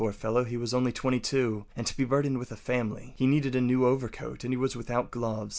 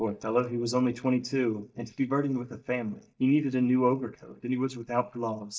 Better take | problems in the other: first | noise reduction (neural mask model DeepFilterNet 3)

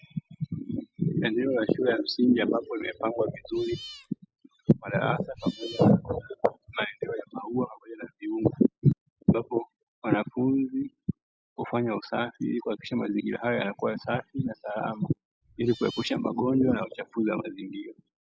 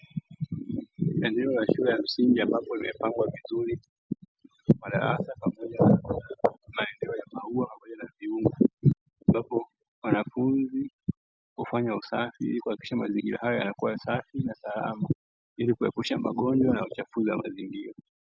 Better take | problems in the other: second | noise reduction (classical method log-MMSE)

